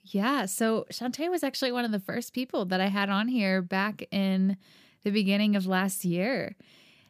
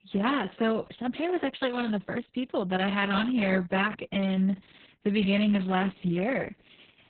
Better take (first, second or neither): first